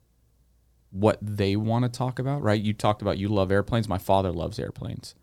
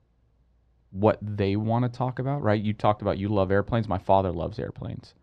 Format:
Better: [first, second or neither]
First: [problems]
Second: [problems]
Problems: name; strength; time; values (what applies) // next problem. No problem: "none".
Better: first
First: none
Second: muffled; slightly; fading above 3 kHz